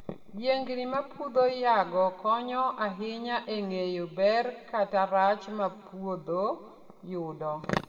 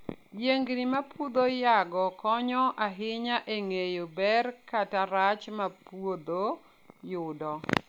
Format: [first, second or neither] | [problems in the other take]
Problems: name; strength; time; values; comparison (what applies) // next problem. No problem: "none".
second | room echo; dies away in 1.1 s